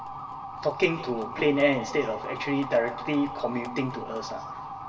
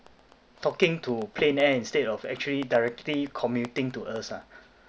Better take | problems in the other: second | background sound (Motor vehicle (road) / Siren); 9 dB below the speech // room echo; dies away in 1.3 s

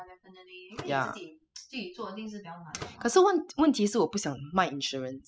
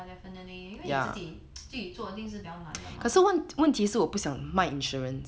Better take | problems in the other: second | noise reduction (classical method spectral subtraction)

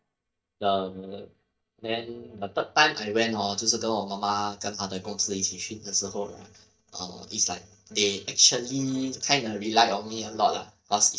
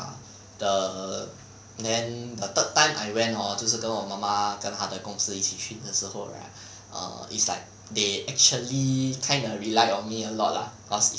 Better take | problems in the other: second | noise reduction (neural mask model DeepFilterNet 3)

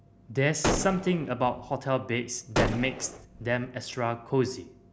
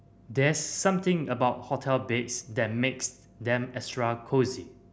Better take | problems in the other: second | background sound (Gunshot, gunfire); 2 dB below the speech

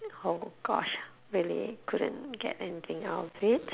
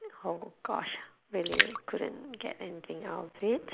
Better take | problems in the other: first | noise reduction (neural mask model Resemble Enhance denoiser)

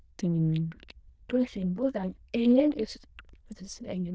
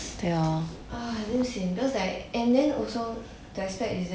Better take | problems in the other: second | noise reduction (neural diffusion model UNIVERSE++)

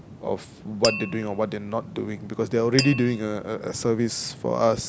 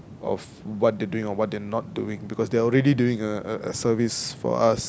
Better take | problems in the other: second | background sound (Tap); 9 dB below the speech

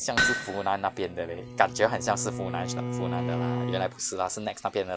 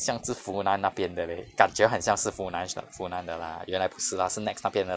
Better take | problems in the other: second | background sound (Bowed string instrument + Hammer); 2 dB below the speech

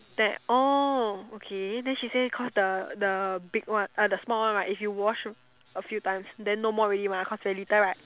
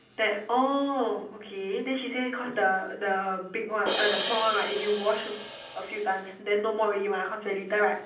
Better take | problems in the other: first | background sound (Crash cymbal); 6 dB below the speech // room echo; dies away in 0.6 s

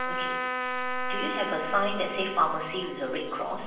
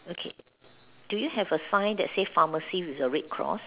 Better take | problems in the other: second | background sound (Trumpet); 3 dB below the speech // room echo; dies away in 0.7 s

